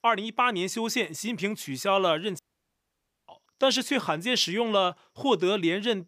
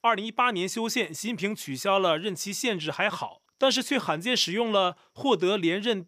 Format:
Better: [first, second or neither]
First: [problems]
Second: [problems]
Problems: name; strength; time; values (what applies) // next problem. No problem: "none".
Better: second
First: audio cutting out; at 2.5 s for 1 s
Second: none